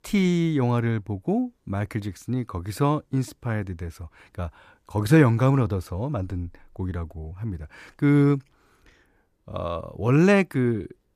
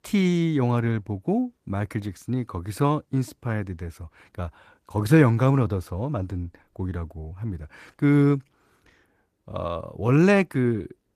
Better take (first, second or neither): first